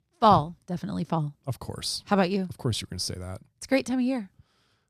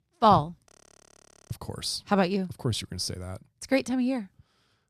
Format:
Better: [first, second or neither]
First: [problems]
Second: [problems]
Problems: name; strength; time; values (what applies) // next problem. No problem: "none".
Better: first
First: none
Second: audio freezing; at 0.5 s for 1 s